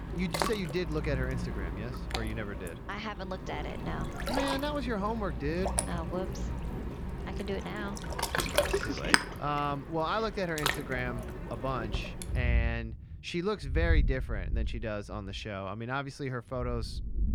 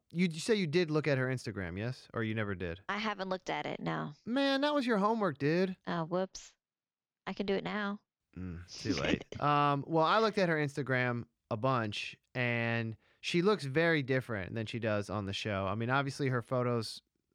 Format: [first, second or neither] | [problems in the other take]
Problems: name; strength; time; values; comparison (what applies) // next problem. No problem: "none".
second | rain or running water; very loud; throughout; 1 dB above the speech